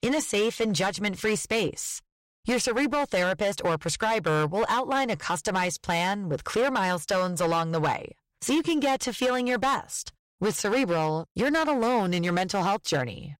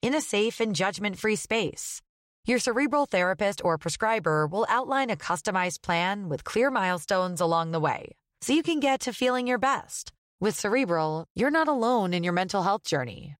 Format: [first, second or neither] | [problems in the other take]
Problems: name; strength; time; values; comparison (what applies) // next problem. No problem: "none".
second | distortion; slight; 12% of the sound clipped